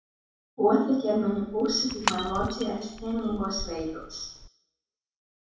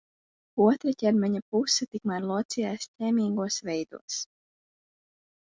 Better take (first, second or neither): second